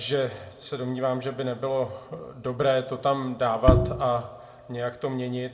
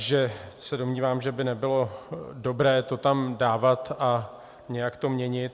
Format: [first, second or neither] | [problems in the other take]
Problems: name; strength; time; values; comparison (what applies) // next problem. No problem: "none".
second | background sound (Bowed string instrument); 2 dB above the speech // room echo; dies away in 0.7 s